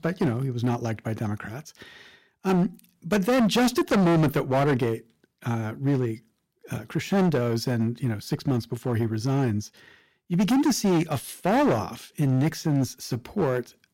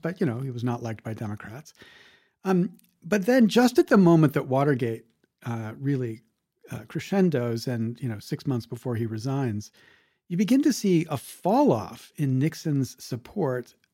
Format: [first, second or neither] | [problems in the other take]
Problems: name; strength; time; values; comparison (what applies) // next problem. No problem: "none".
second | distortion; heavy; 11% of the sound clipped